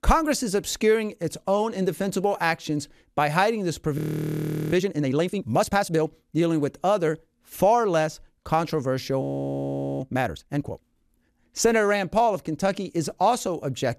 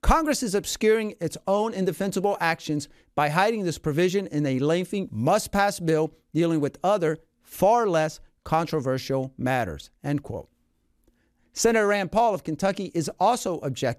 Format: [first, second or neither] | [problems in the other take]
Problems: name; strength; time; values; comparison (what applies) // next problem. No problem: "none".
second | audio freezing; at 4 s for 0.5 s and at 9 s for 1 s